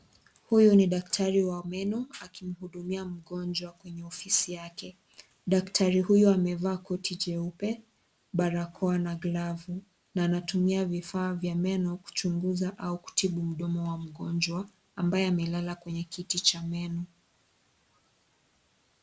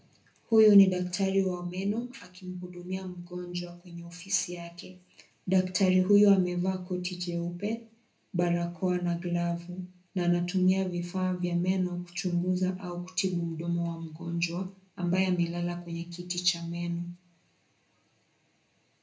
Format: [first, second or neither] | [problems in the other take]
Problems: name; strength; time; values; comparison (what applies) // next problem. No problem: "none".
first | room echo; dies away in 0.3 s